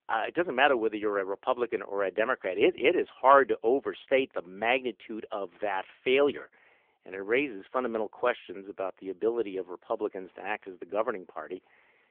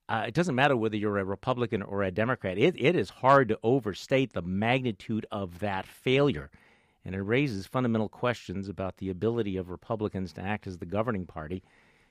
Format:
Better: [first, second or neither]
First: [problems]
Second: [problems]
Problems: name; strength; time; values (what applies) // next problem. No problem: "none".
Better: second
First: phone-call audio; nothing above 3 kHz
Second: none